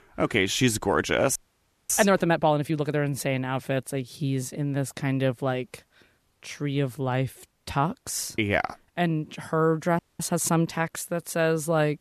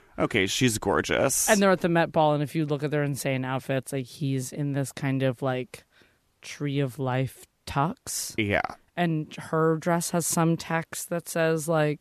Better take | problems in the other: second | audio freezing; at 1.5 s for 0.5 s and at 10 s

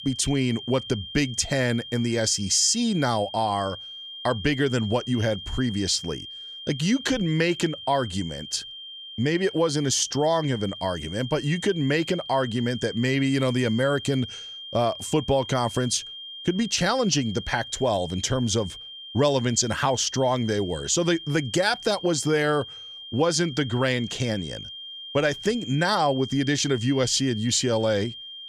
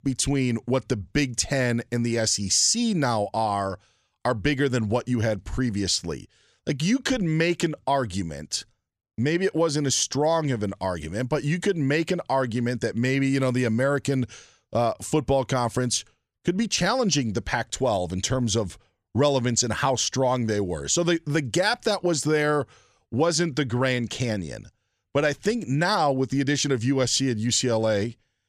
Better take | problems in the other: second | high-pitched whine; noticeable; throughout; 3 kHz, 10 dB below the speech

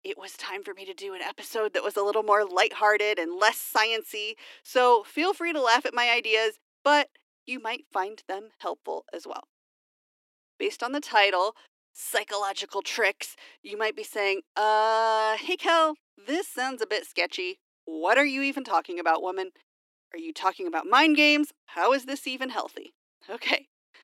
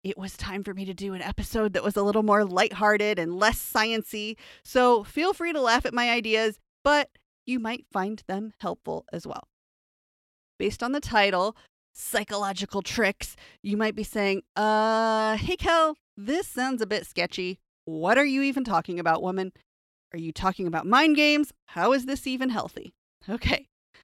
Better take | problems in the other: second | thin; somewhat; fading below 300 Hz

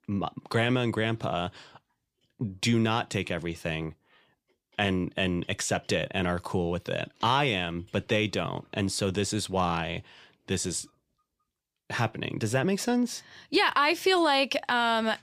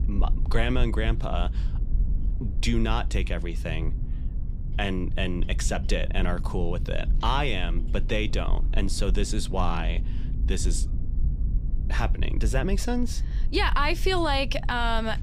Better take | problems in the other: first | low rumble; noticeable; throughout; 20 dB below the speech

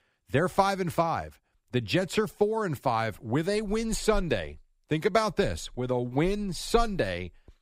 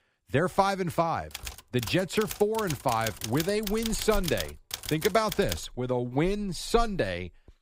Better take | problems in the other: first | keyboard typing; noticeable; from 1.5 to 5.5 s; peak 6 dB below the speech

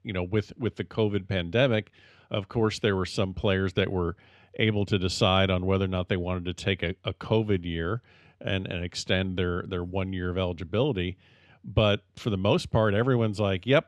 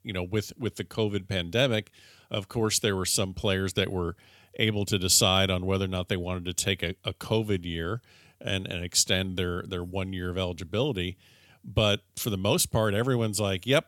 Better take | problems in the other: second | muffled; slightly; fading above 2.5 kHz

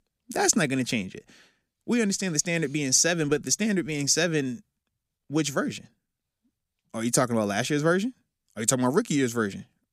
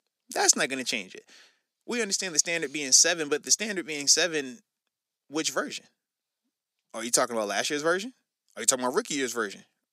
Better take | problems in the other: first | thin; somewhat; fading below 400 Hz

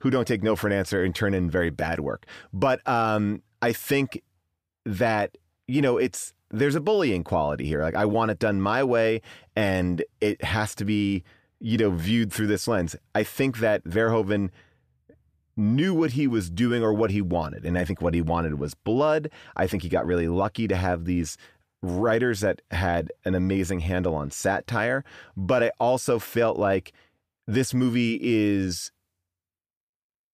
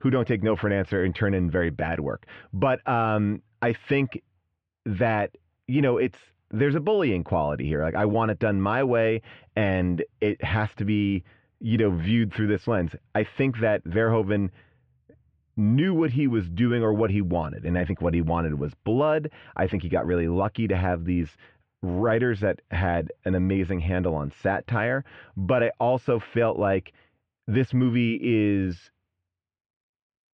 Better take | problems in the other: first | muffled; very; fading above 3 kHz

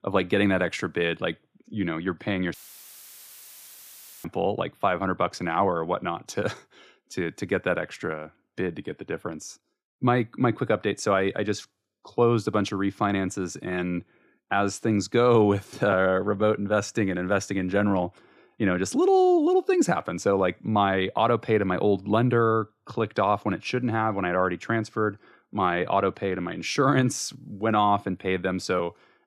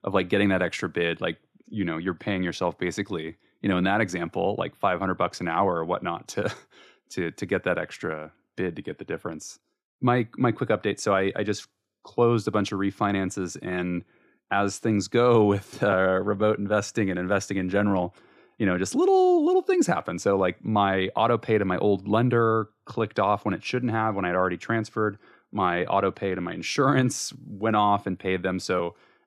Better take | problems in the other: second | audio cutting out; filled with static; at 2.5 s for 1.5 s

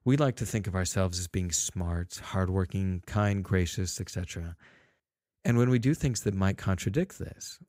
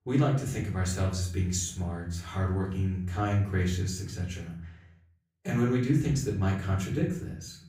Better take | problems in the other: first | room echo; slight; dies away in 0.5 s // off-mic speech; far

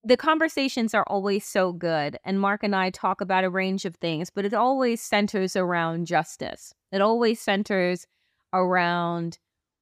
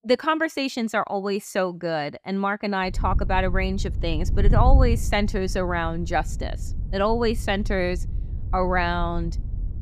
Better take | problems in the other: first | wind noise on the microphone; occasional gusts; from 3 s on; 20 dB below the speech

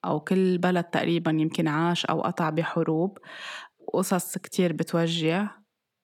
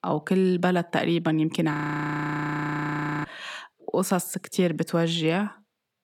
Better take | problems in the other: first | audio freezing; at 1.5 s for 1.5 s

